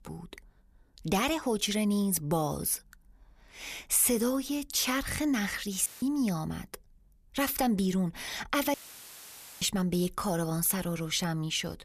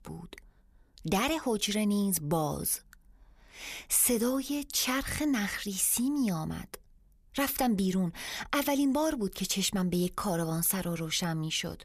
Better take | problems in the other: second | audio cutting out; filled with static; at 6 s and at 8.5 s for 1 s

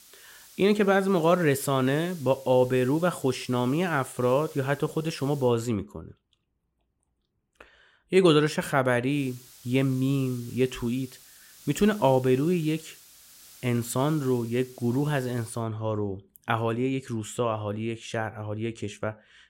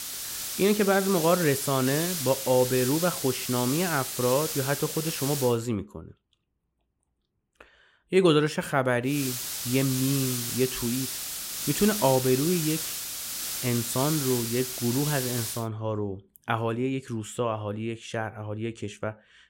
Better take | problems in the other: first | hiss; loud; until 5.5 s and from 9 to 16 s; 3 dB below the speech; faint in the first

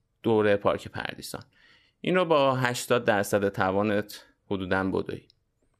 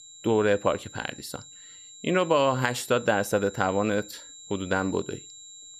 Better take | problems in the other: first | high-pitched whine; noticeable; throughout; 7.5 kHz, 20 dB below the speech

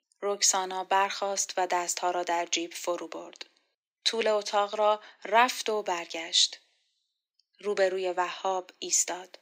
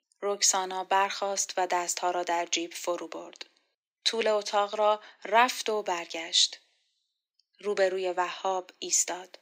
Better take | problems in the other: neither | thin; very; fading below 300 Hz; the same in both

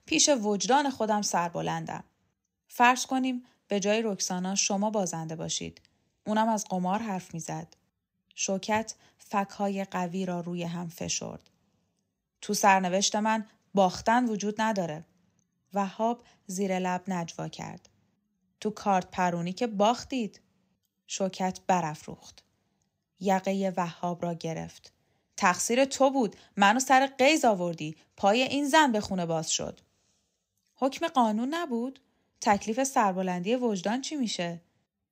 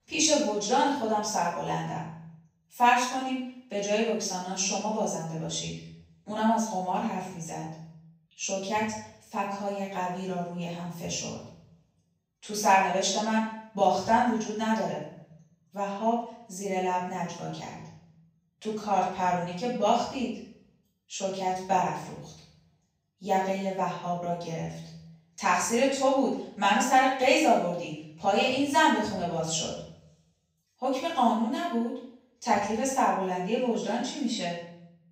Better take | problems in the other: first | off-mic speech; far // room echo; noticeable; dies away in 0.6 s

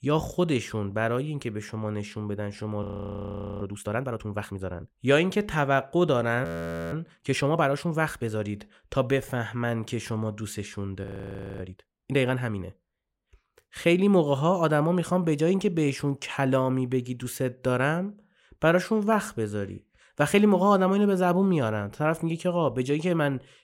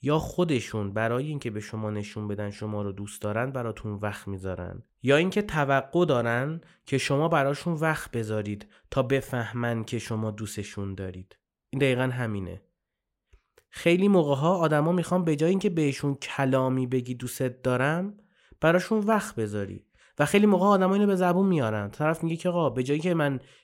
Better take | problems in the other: second | audio freezing; at 3 s for 1 s, at 6.5 s and at 11 s for 0.5 s

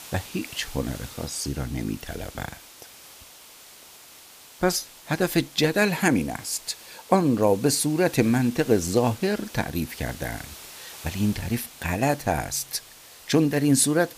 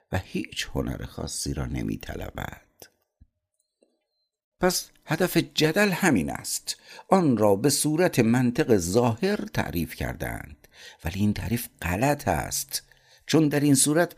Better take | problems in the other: second | hiss; noticeable; throughout; 20 dB below the speech

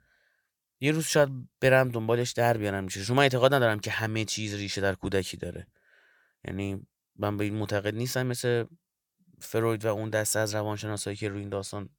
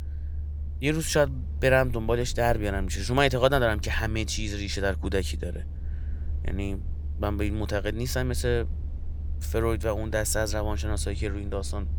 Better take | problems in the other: first | low rumble; faint; throughout; 25 dB below the speech

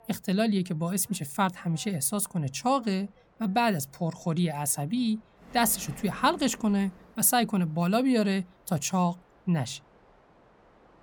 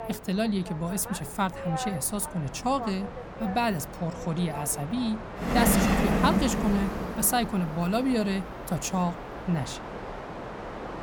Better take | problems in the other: first | train or aircraft noise; loud; throughout; 4 dB below the speech; faint in the first

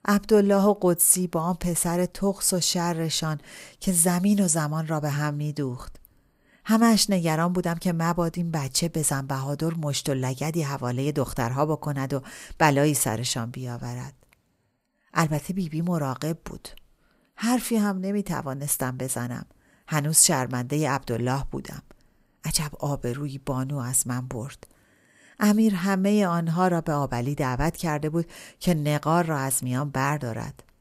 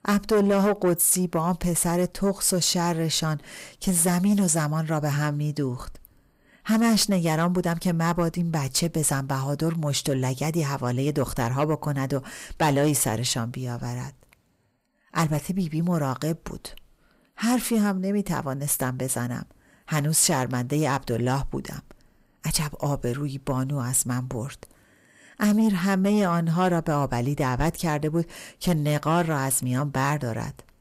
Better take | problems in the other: first | distortion; slight; 10 dB below the speech

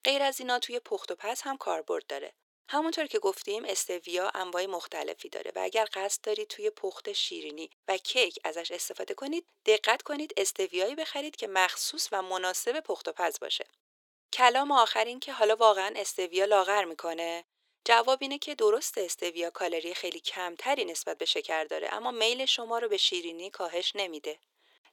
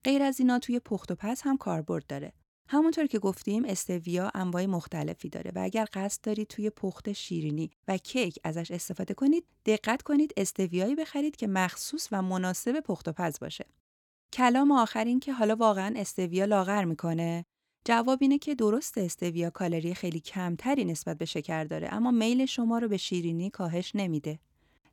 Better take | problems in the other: second | thin; very; fading below 400 Hz

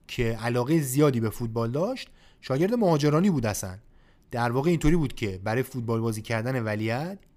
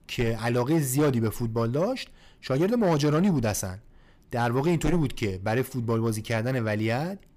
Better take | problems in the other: first | distortion; slight; 10 dB below the speech

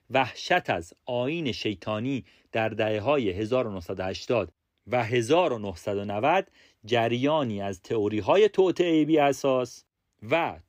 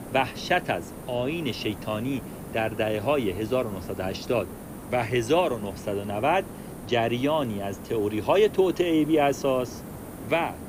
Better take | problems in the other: first | hiss; noticeable; throughout; 15 dB below the speech

